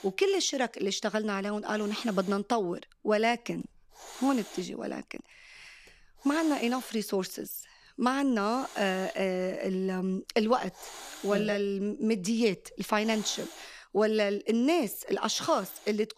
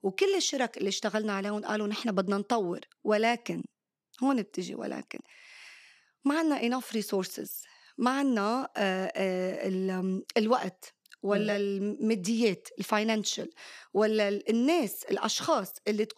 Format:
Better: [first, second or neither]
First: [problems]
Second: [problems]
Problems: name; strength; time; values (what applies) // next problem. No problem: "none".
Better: second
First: hiss; noticeable; throughout; 15 dB below the speech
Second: none